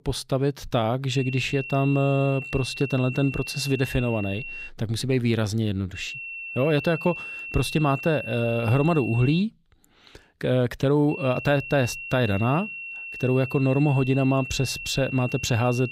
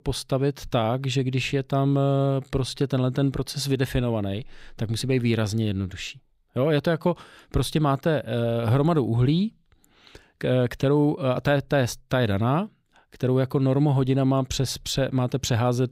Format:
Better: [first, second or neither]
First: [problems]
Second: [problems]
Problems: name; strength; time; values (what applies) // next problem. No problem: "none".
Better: second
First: high-pitched whine; loud; from 1 to 4.5 s, from 6 to 9.5 s and from 11 s on; 2.5 kHz, 9 dB below the speech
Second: none